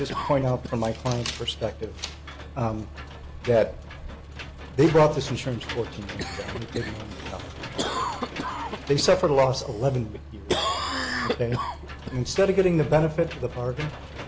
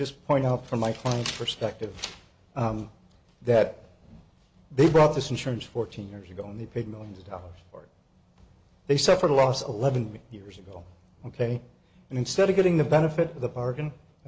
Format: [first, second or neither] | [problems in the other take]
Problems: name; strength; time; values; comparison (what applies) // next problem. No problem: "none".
second | background sound (Cough + Engine / Mechanisms); 8 dB below the speech